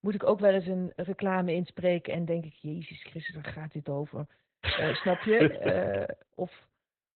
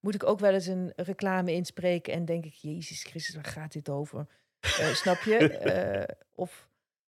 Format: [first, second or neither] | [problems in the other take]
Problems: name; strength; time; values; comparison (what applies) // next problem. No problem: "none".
second | garbled, watery; badly; nothing above 4 kHz